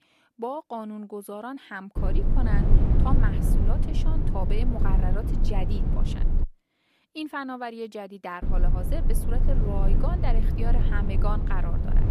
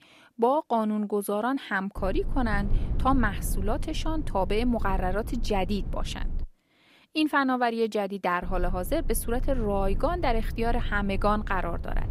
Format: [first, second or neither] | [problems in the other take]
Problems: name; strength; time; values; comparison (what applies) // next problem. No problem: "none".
second | low rumble; loud; from 2 to 6.5 s and from 8.5 s on; 3 dB below the speech; faint in the second